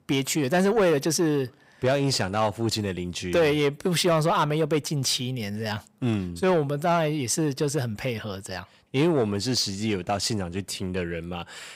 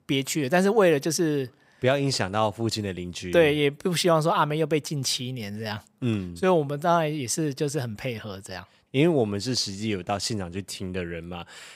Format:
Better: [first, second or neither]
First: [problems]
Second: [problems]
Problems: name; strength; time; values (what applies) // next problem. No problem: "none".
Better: second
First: distortion; slight; 10 dB below the speech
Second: none